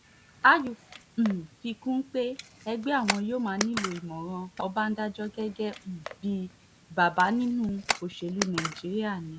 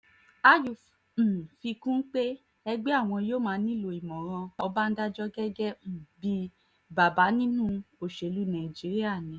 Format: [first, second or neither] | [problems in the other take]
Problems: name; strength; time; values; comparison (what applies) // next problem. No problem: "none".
second | background sound (Camera); 10 dB below the speech